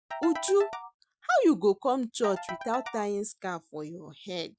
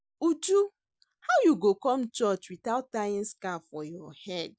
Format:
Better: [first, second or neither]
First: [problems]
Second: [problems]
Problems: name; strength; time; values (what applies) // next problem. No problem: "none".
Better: second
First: noise reduction (neural mask model RNNoise)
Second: none